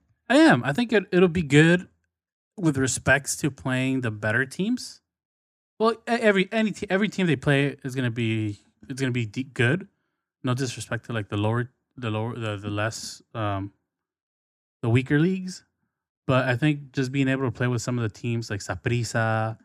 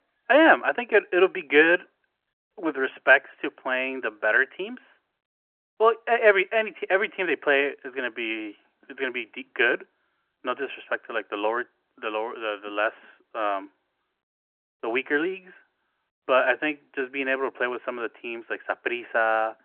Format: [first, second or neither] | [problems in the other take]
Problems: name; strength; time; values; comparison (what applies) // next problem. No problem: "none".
first | phone-call audio